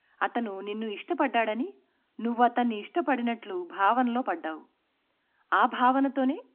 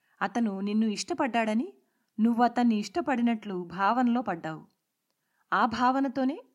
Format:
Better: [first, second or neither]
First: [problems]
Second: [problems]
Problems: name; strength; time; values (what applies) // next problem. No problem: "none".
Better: second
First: phone-call audio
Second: none